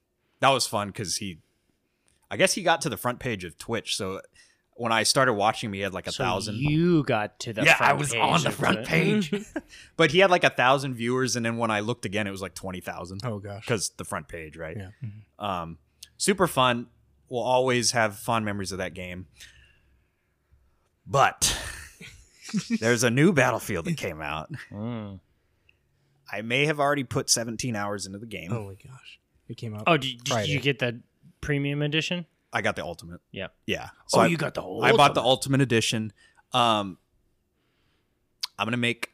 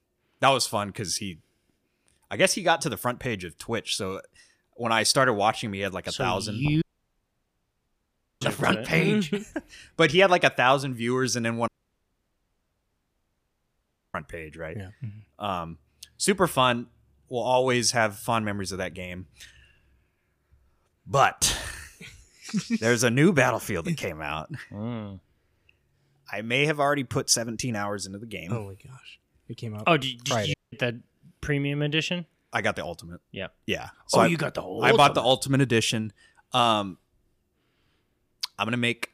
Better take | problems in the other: first | audio cutting out; at 7 s for 1.5 s, at 12 s for 2.5 s and at 31 s

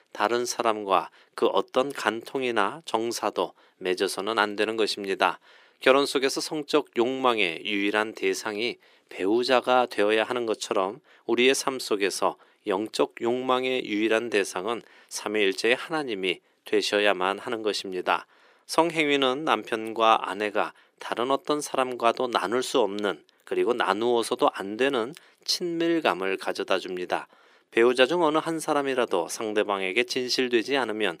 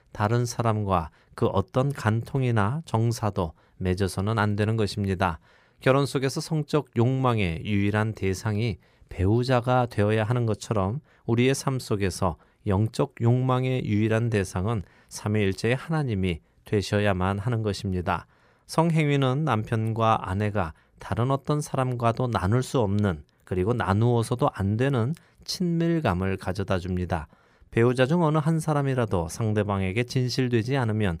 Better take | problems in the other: second | thin; somewhat; fading below 300 Hz

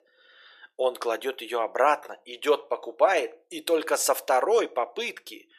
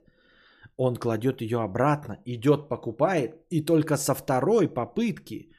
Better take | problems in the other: second | thin; very; fading below 450 Hz

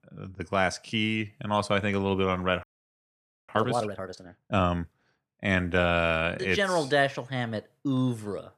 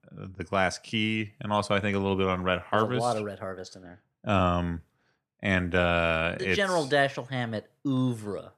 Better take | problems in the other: second | audio freezing; at 2.5 s for 1 s

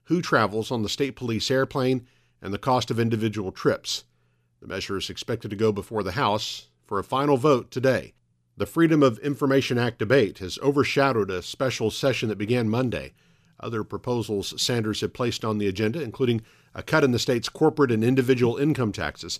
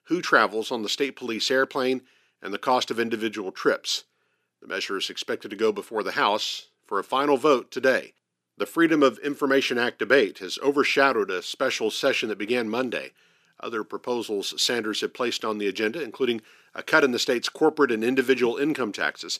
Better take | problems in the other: first | thin; very slightly; fading below 250 Hz

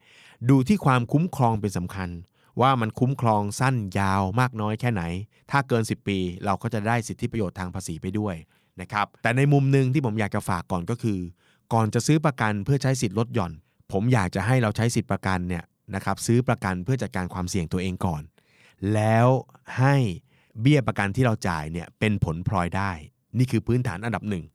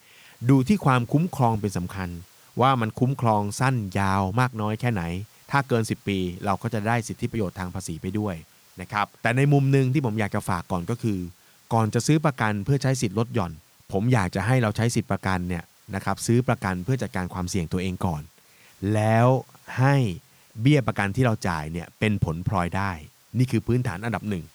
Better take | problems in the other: first | hiss; faint; throughout; 30 dB below the speech

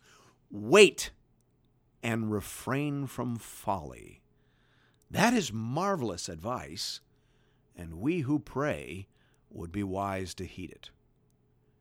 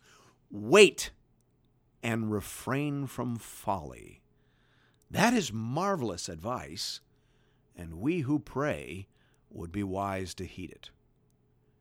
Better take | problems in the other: neither | none

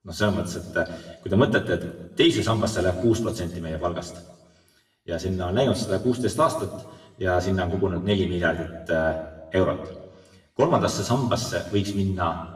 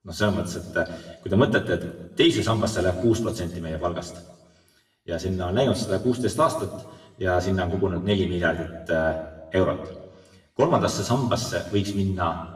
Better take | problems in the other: neither | room echo; slight; dies away in 1.1 s; the same in both // off-mic speech; far; the same in both

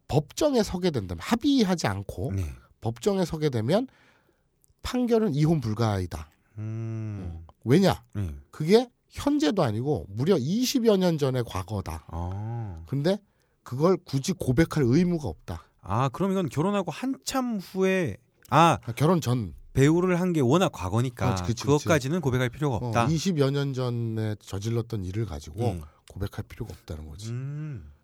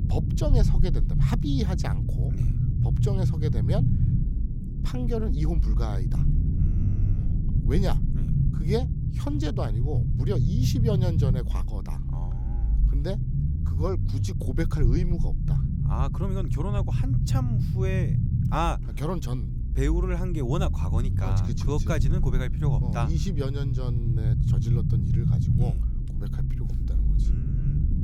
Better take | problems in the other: first | low rumble; loud; throughout; 4 dB below the speech

